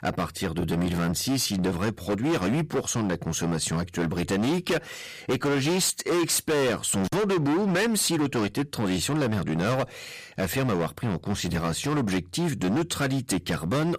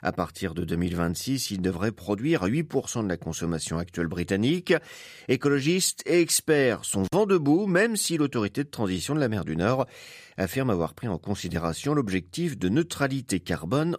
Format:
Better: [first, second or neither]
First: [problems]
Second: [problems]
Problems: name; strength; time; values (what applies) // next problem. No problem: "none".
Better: second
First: distortion; heavy; 21% of the sound clipped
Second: none